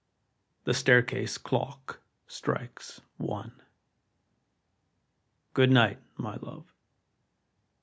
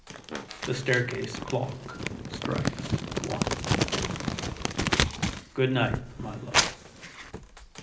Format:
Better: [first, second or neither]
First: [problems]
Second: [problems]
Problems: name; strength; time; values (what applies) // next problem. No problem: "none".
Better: first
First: none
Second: background sound (Crumpling, crinkling); 2 dB above the speech // room echo; dies away in 0.5 s